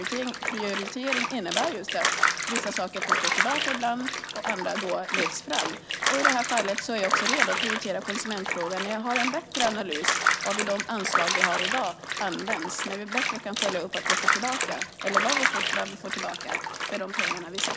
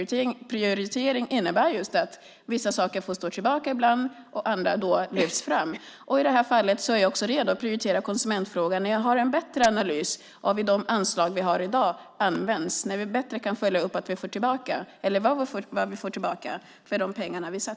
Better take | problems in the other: second | background sound (Bathtub (filling or washing)); 3 dB above the speech

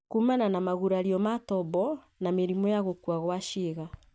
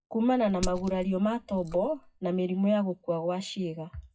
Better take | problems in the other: first | noise reduction (classical method WPE with log-MMSE)

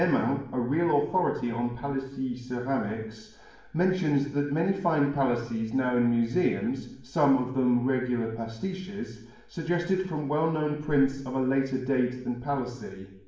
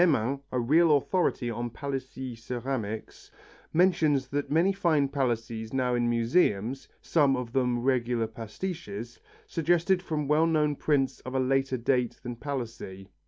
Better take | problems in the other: second | room echo; dies away in 0.7 s

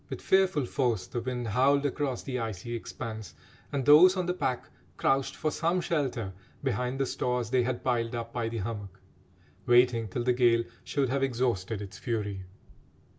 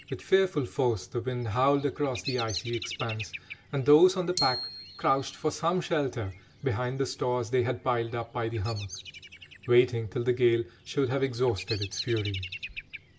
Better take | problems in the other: first | background sound (Bird vocalization, bird call, bird song + Glockenspiel); 13 dB below the speech

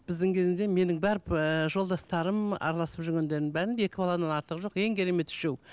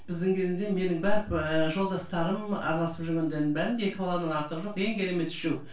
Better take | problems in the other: first | room echo; dies away in 0.3 s

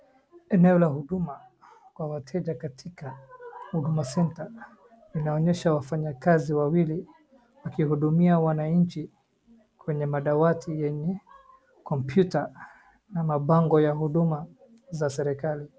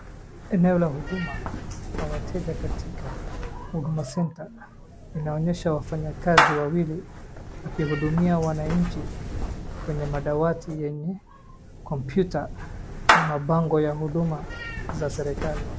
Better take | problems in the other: first | background sound (Meow / Clapping); 3 dB below the speech

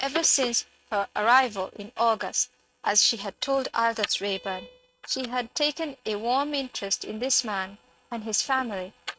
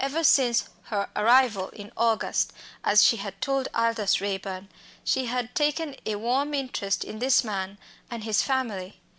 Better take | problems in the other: second | noise reduction (neural mask model RNNoise)

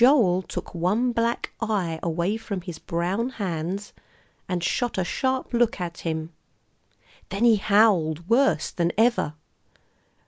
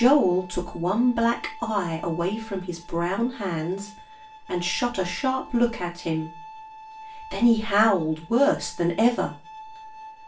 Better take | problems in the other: first | background sound (Bowed string instrument); 19 dB below the speech // room echo; dies away in 0.3 s

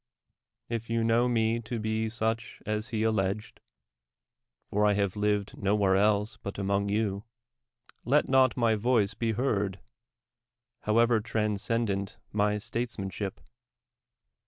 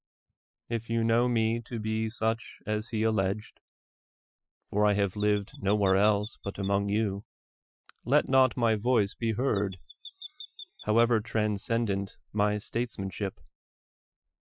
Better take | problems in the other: first | noise reduction (classical method Wiener filter)

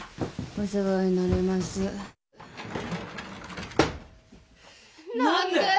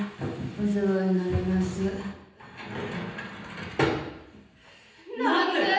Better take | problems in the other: first | room echo; dies away in 0.9 s

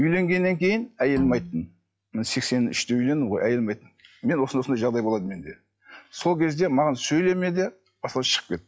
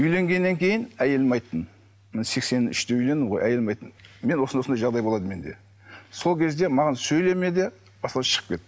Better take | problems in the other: second | noise reduction (classical method log-MMSE)

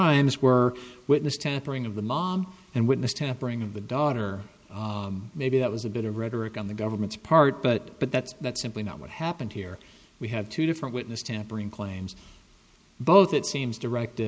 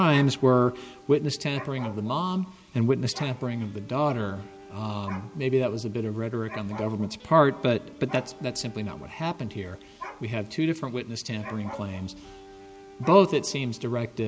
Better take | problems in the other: first | background sound (Guitar + Dog); 18 dB below the speech

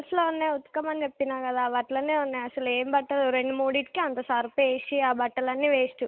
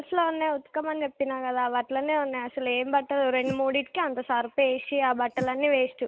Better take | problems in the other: first | background sound (Whoosh, swoosh, swish); 11 dB below the speech

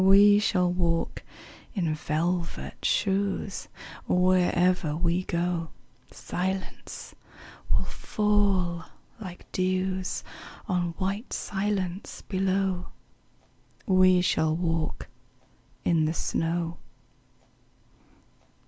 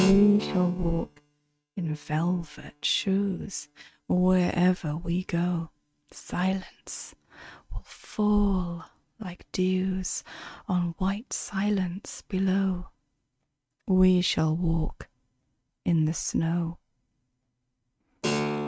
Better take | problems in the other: first | noise reduction (neural mask model RNNoise)

